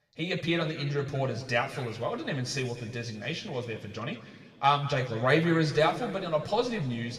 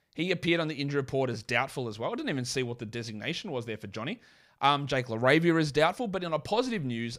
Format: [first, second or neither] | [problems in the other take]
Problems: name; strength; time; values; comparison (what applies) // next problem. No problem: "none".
second | room echo; slight; dies away in 2 s // off-mic speech; somewhat distant